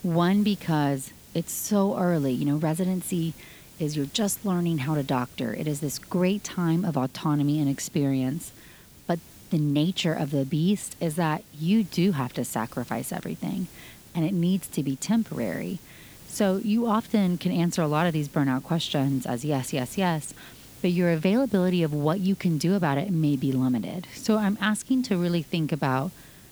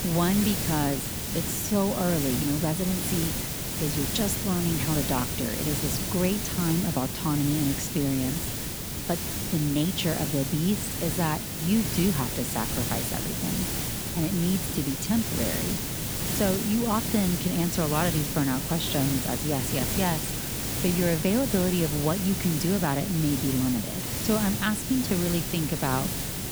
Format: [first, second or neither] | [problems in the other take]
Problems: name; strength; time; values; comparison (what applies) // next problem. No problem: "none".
first | hiss; loud; throughout; 1 dB below the speech; faint in the first